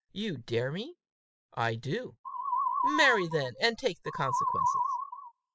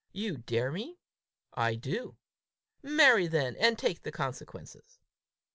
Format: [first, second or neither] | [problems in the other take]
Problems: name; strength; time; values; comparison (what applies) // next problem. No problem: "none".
second | noise reduction (classical method spectral subtraction)